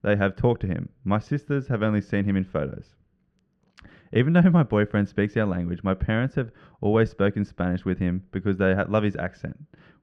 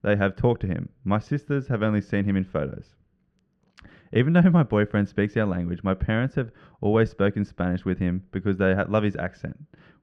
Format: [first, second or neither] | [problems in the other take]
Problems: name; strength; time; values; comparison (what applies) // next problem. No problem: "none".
neither | muffled; very; fading above 2.5 kHz; the same in both